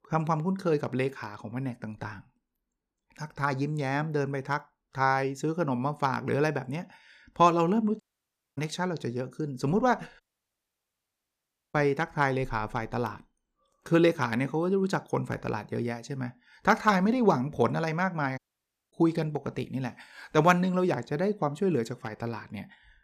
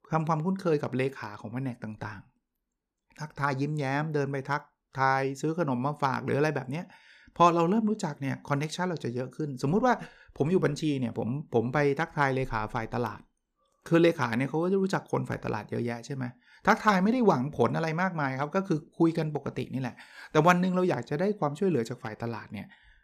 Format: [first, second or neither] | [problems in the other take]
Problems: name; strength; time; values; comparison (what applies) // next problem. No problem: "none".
second | audio cutting out; at 8 s for 0.5 s, at 10 s for 1.5 s and at 18 s for 0.5 s